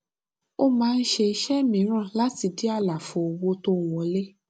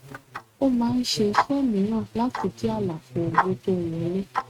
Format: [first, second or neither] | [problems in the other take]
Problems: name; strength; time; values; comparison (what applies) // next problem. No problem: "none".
first | noise reduction (neural mask model RNNoise)